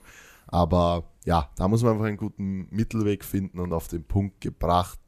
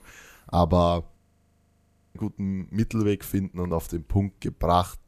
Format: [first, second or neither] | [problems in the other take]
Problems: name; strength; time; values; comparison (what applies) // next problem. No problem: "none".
first | audio freezing; at 1 s for 1 s